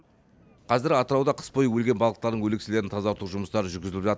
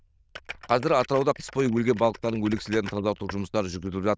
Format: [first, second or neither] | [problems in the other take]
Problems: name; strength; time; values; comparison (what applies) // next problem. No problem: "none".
first | noise reduction (neural diffusion model UNIVERSE++)